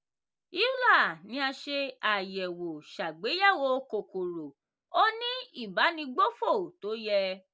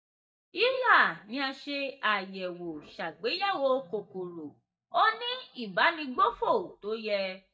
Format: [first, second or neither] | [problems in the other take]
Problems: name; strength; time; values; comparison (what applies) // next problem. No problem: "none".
first | noise reduction (neural mask model DeepFilterNet 3)